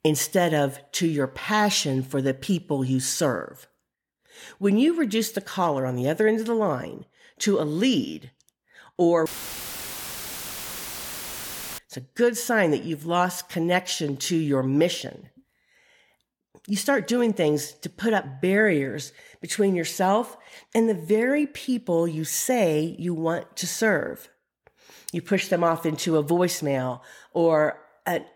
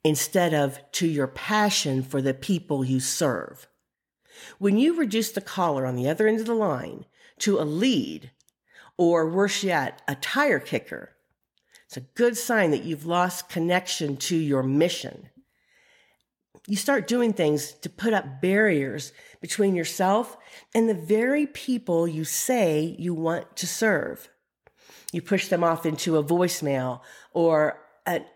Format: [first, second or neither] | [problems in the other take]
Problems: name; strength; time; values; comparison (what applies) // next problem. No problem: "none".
second | audio cutting out; filled with static; at 9.5 s for 2.5 s